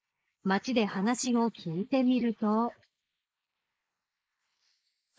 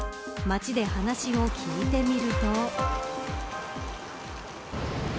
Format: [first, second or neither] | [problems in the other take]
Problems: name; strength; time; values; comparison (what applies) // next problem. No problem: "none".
second | noise reduction (neural mask model Resemble Enhance denoiser)